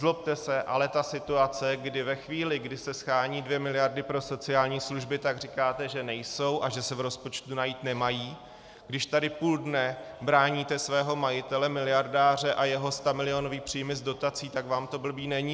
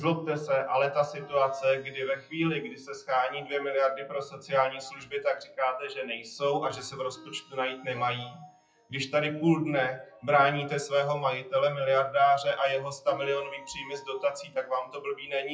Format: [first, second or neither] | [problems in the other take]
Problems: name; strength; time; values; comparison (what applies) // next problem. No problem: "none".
first | noise reduction (classical method WPE with log-MMSE)